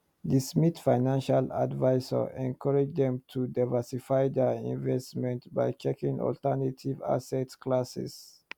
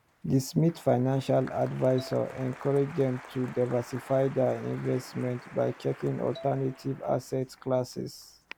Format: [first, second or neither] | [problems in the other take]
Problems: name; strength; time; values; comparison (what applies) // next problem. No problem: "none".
first | background sound (Marimba, xylophone + Applause); 19 dB below the speech